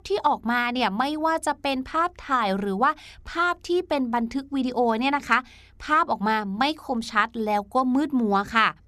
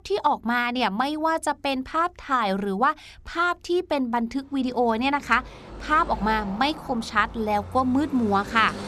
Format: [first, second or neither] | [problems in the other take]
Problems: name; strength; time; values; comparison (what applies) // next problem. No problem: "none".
first | traffic noise; noticeable; throughout; 15 dB below the speech